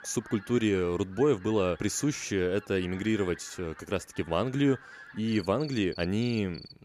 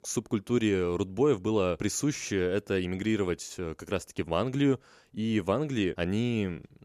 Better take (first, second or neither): second